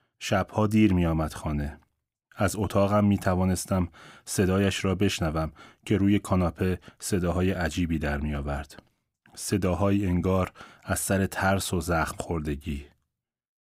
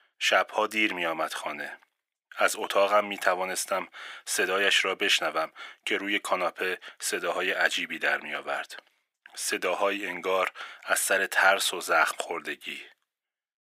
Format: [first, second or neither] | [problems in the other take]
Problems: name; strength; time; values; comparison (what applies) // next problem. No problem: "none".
first | thin; very; fading below 500 Hz